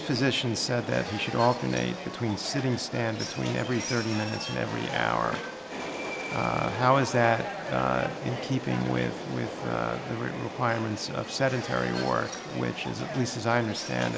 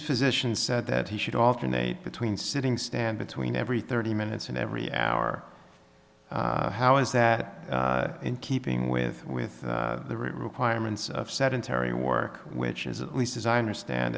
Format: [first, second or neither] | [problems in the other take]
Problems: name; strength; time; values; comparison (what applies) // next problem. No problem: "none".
second | background sound (Subway, metro, underground); 8 dB below the speech